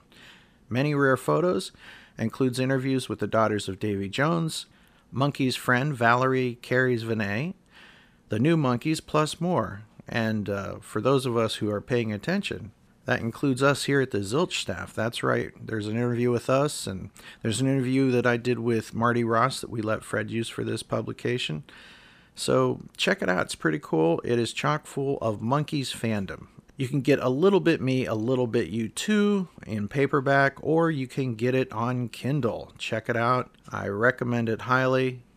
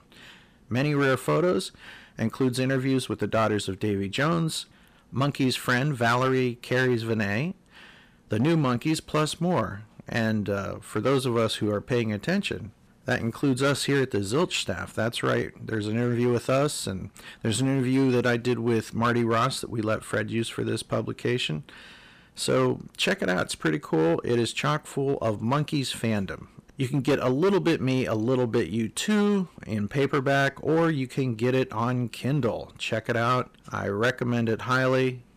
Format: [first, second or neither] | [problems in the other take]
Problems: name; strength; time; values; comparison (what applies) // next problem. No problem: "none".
first | distortion; slight; 6% of the sound clipped